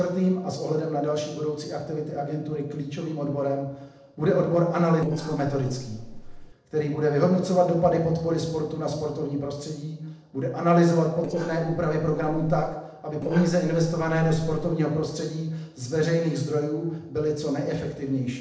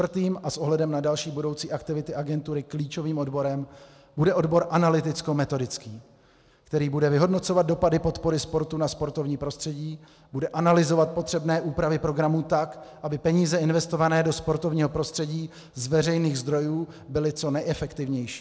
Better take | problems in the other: second | noise reduction (neural separator model SepFormer DNS4)

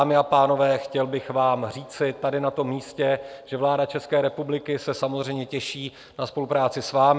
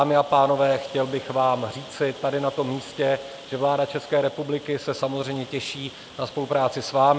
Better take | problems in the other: first | background sound (Rain); 20 dB below the speech

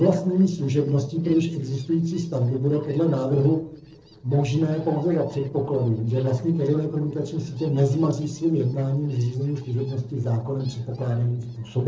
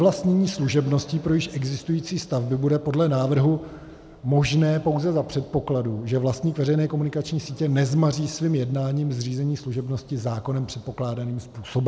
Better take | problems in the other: second | noise reduction (neural separator model SepFormer DNS4)

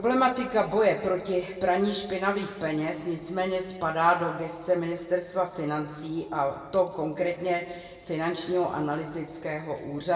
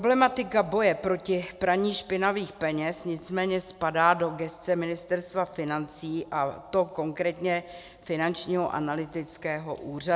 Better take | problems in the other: second | room echo; dies away in 1.6 s

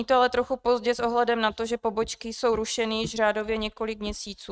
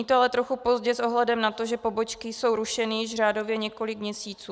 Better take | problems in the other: second | noise reduction (neural mask model RNNoise)

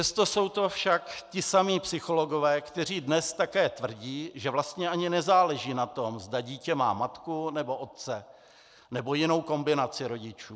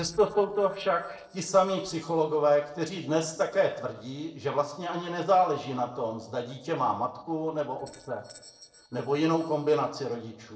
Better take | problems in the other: first | noise reduction (neural separator model SepFormer DNS4)

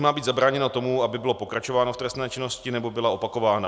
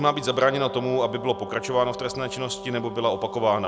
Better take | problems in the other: first | background sound (Brass instrument); 12 dB below the speech

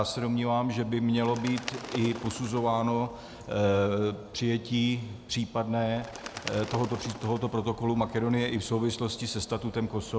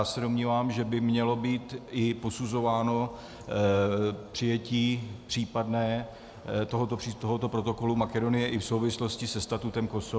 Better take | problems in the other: second | background sound (Bird); 15 dB below the speech

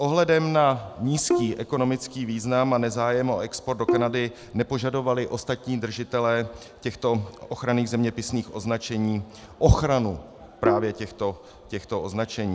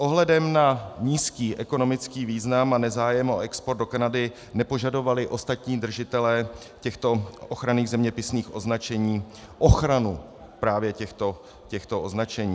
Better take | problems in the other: second | background sound (Bowed string instrument); 4 dB below the speech

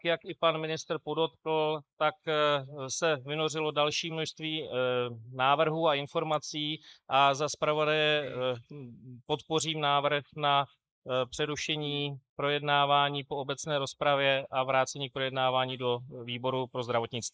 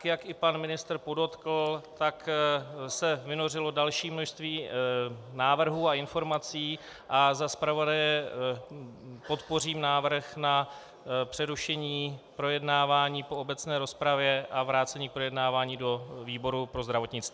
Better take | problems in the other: second | noise reduction (neural mask model Resemble Enhance denoiser)

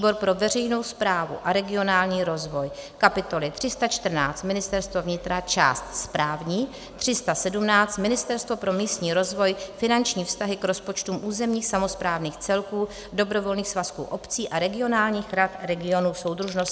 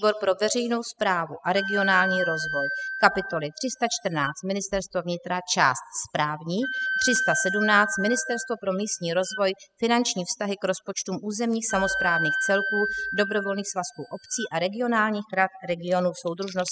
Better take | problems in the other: first | noise reduction (classical method spectral subtraction)

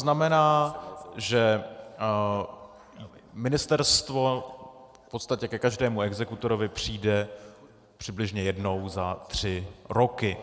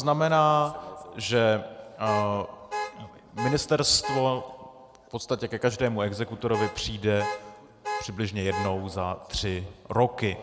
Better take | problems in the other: first | background sound (Alarm / Car); 8 dB below the speech

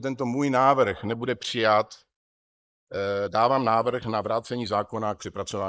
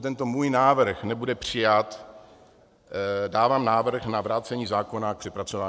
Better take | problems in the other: second | noise reduction (neural mask model Resemble Enhance denoiser)

